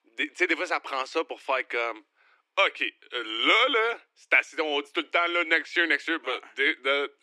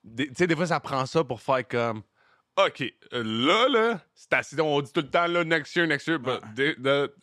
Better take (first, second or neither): second